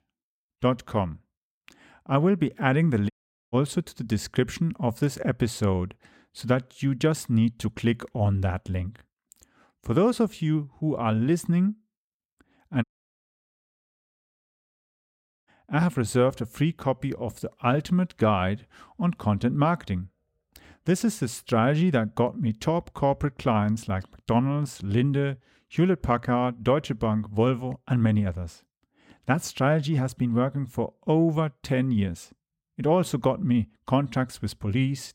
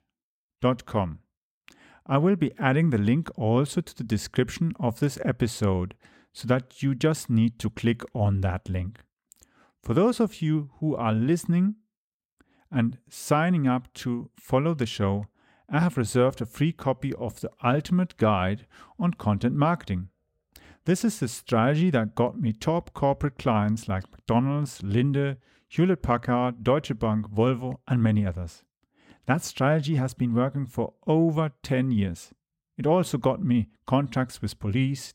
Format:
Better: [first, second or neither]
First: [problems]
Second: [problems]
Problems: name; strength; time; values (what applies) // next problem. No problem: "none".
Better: second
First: audio cutting out; at 3 s and at 13 s for 2.5 s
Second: none